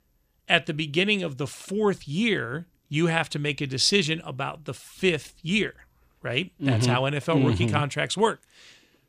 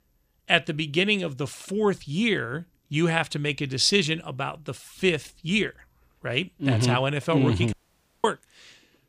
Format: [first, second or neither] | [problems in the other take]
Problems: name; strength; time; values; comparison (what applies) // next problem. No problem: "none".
first | audio cutting out; at 7.5 s for 0.5 s